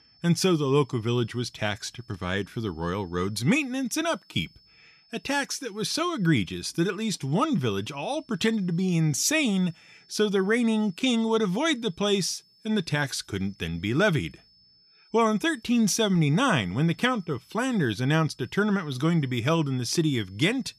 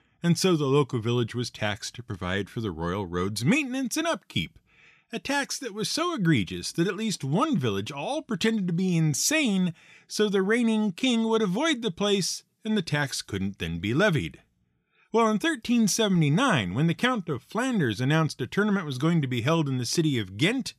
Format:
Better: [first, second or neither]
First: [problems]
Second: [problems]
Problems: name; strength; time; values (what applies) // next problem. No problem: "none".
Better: second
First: high-pitched whine; faint; throughout; 5 kHz, 30 dB below the speech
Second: none